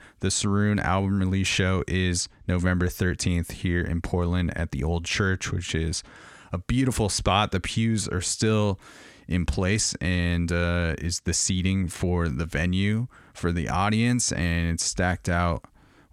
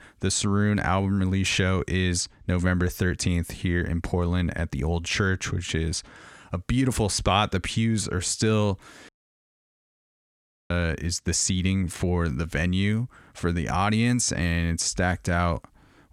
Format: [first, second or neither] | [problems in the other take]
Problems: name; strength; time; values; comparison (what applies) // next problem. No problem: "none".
first | audio cutting out; at 9 s for 1.5 s